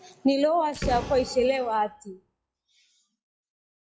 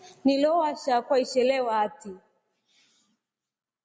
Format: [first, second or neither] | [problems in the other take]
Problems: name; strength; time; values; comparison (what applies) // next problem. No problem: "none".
second | noise reduction (classical method log-MMSE)